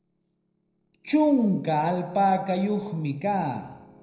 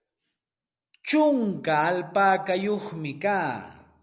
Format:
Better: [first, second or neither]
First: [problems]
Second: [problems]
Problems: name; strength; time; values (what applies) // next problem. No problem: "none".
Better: second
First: noise reduction (neural separator model SepFormer DNS4)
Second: none